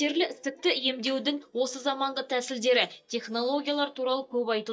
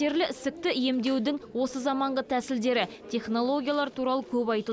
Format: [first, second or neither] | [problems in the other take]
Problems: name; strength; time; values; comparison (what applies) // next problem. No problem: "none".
second | noise reduction (neural mask model DeepFilterNet 3)